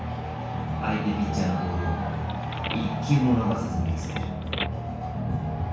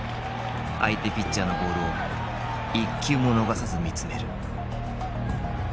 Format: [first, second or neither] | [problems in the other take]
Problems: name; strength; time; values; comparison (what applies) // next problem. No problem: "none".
second | background sound (Telephone); 14 dB below the speech // room echo; dies away in 0.6 s